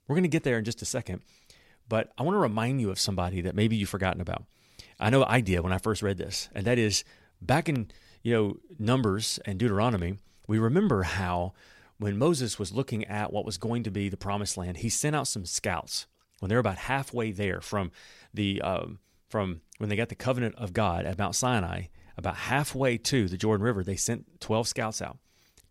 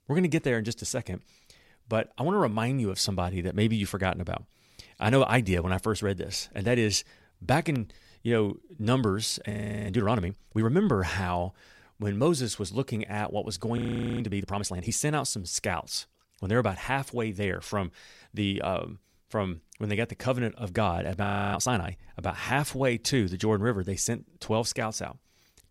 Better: first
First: none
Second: audio freezing; at 9.5 s, at 14 s and at 21 s

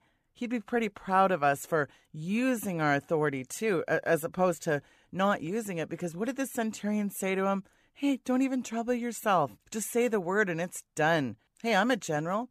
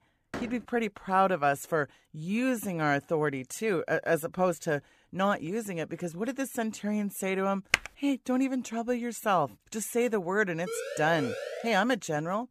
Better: first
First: none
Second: door banging; faint; at 0.5 s; peak 10 dB below the speech // keyboard typing; very faint; at 7.5 s; peak 1 dB above the speech // siren; noticeable; from 11 to 12 s; peak 6 dB below the speech

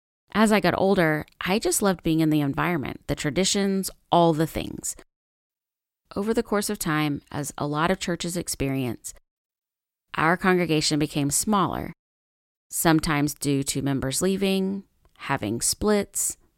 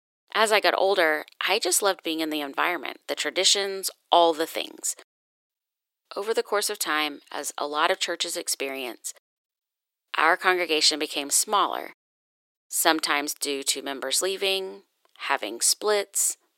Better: first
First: none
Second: thin; very; fading below 400 Hz

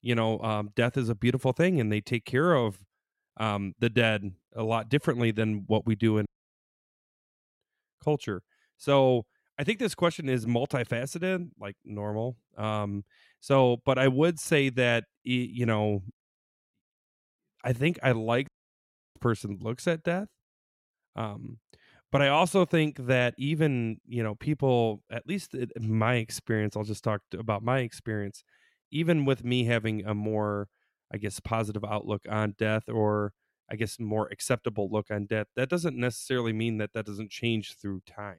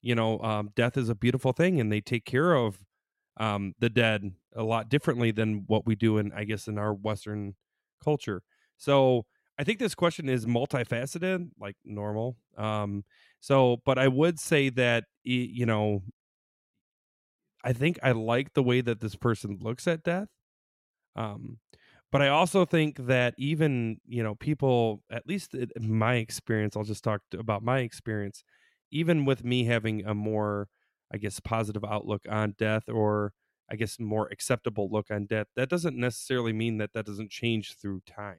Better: second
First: audio cutting out; at 6.5 s for 1.5 s and at 18 s for 0.5 s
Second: none

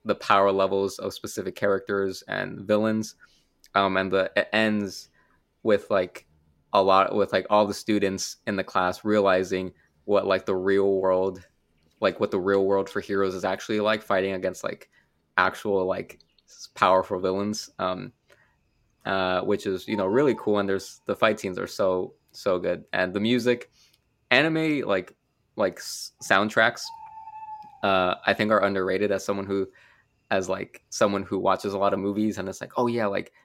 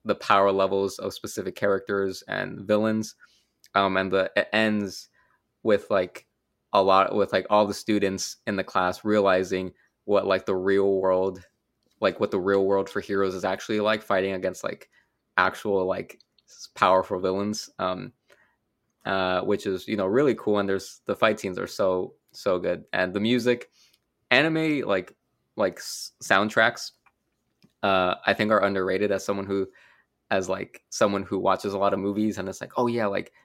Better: second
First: animal sounds; noticeable; throughout; 20 dB below the speech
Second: none

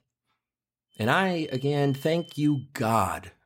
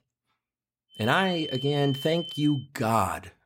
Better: first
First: high-pitched whine; faint; from 1 to 2.5 s; 3 kHz, 20 dB below the speech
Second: high-pitched whine; loud; from 1 to 2.5 s; 3 kHz, 9 dB below the speech

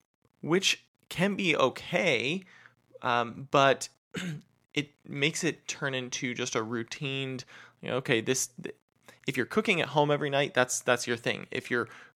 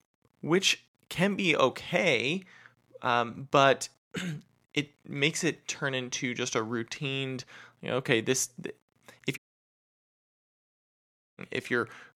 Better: first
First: none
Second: audio cutting out; at 9.5 s for 2 s

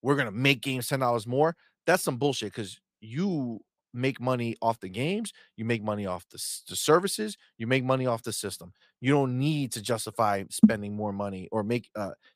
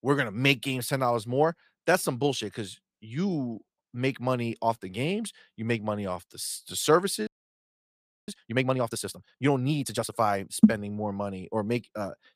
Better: first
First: none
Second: audio freezing; at 7.5 s for 1 s

